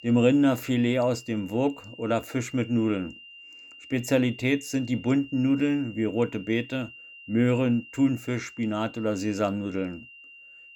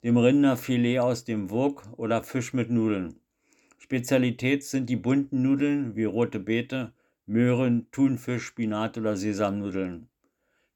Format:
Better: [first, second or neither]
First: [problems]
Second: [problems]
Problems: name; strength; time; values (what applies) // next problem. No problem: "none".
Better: second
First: high-pitched whine; noticeable; throughout; 3 kHz, 20 dB below the speech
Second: none